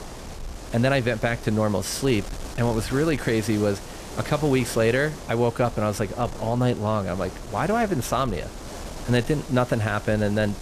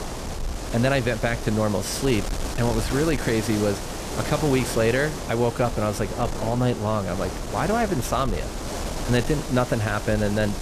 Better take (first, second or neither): first